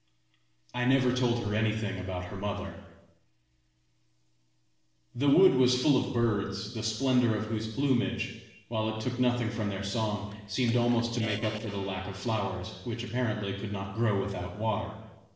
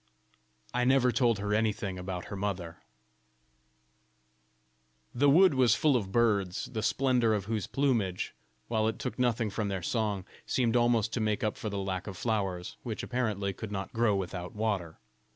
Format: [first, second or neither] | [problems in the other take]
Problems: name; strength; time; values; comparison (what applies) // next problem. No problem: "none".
second | noise reduction (neural separator model SepFormer DNS4)